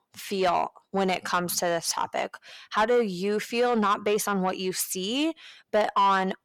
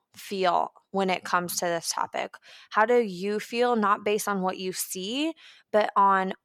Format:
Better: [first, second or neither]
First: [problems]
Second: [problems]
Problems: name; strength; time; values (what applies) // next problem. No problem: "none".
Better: second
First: distortion; slight; 10 dB below the speech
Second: none